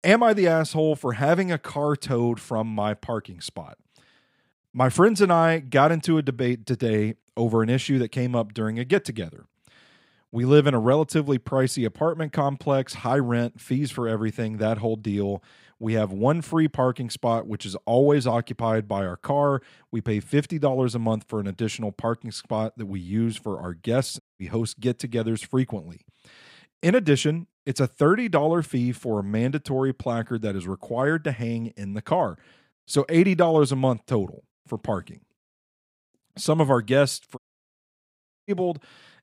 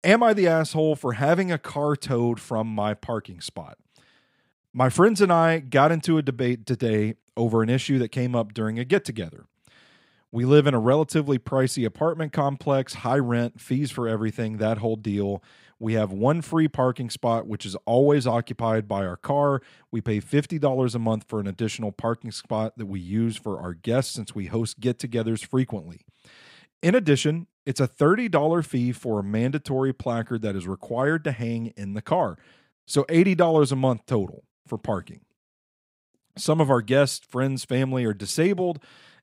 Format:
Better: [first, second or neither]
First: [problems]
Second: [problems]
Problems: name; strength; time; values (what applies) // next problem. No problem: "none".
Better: second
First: audio cutting out; at 24 s and at 37 s for 1 s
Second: none